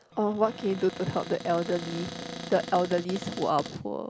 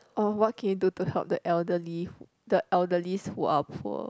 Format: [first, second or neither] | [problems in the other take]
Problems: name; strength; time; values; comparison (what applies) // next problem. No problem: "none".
second | background sound (Cupboard open or close); 11 dB below the speech